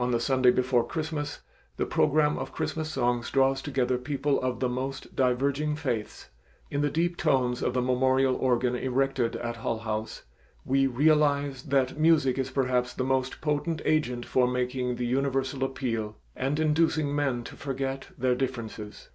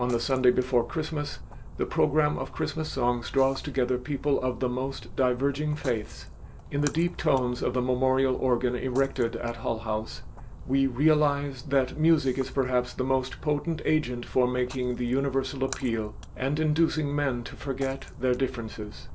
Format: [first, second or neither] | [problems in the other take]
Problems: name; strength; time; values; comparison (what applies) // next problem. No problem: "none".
first | background sound (Splash, splatter); 14 dB below the speech